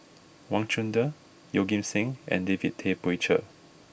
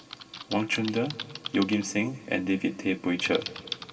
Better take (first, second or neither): first